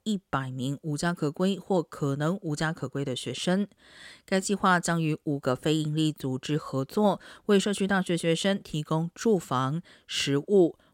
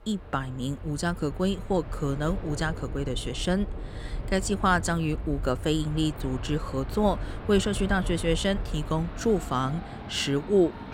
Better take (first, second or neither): first